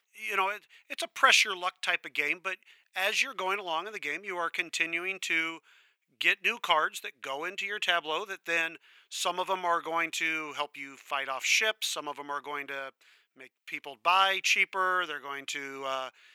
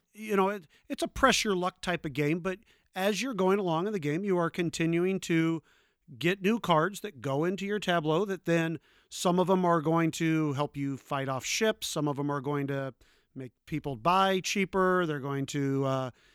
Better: second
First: thin; very; fading below 750 Hz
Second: none

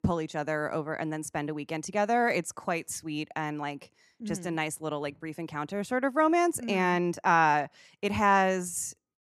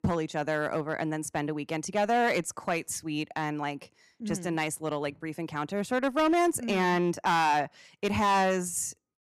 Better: first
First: none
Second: distortion; slight; 5% of the sound clipped

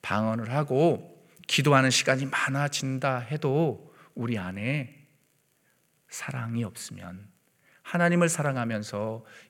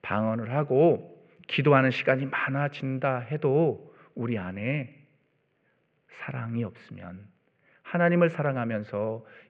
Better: first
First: none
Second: muffled; very; fading above 2.5 kHz

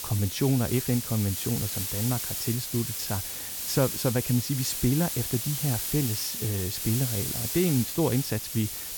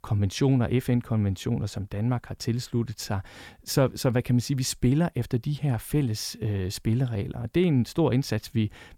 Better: second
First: hiss; loud; throughout; 2 dB below the speech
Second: none

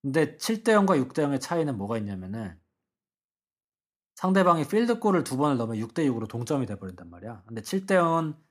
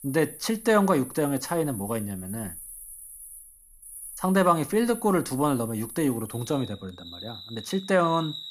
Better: first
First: none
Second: animal sounds; noticeable; throughout; 15 dB below the speech

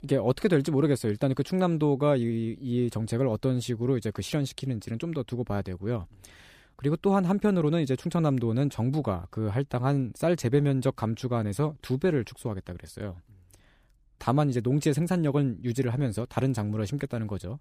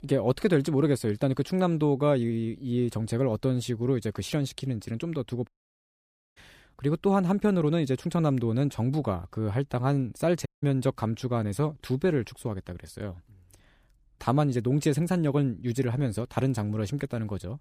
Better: first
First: none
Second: audio cutting out; at 5.5 s for 1 s and at 10 s

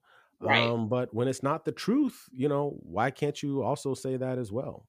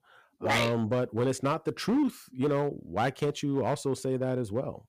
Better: first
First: none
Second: distortion; slight; 7% of the sound clipped

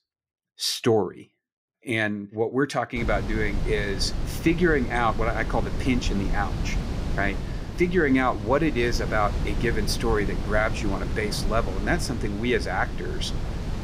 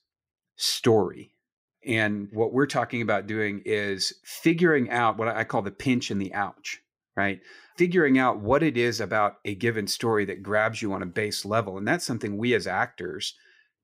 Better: second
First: wind noise on the microphone; occasional gusts; from 3 s on; 10 dB below the speech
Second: none

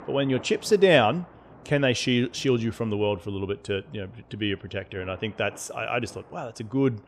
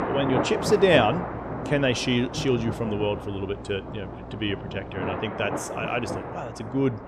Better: first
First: rain or running water; faint; throughout; 25 dB below the speech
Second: rain or running water; loud; throughout; 6 dB below the speech

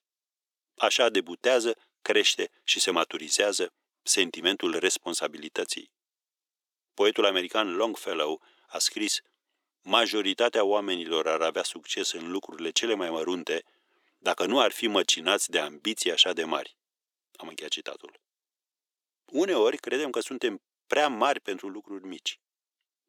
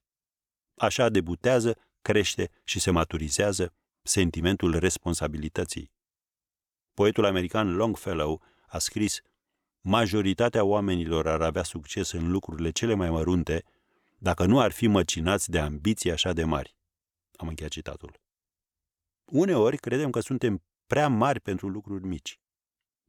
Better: second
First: thin; somewhat; fading below 300 Hz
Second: none

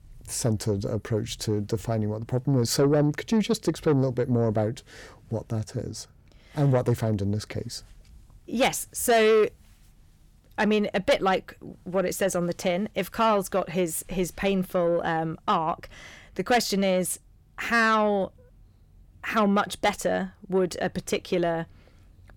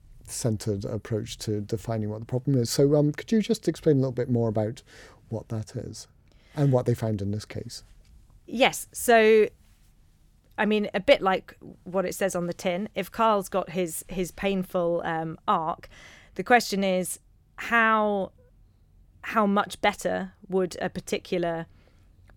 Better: second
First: distortion; slight; 10 dB below the speech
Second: none

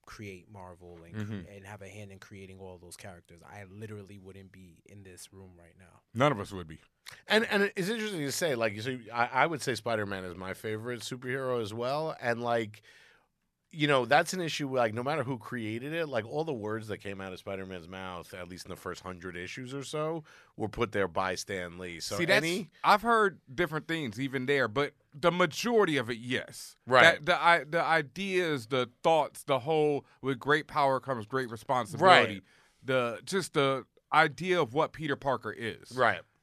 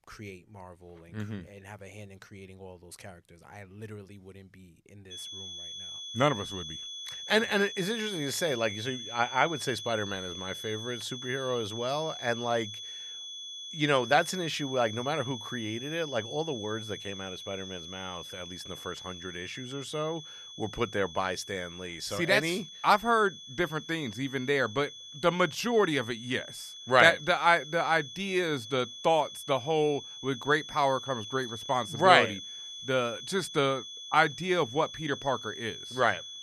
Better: first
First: none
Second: high-pitched whine; noticeable; from 5 s on; 3.5 kHz, 10 dB below the speech

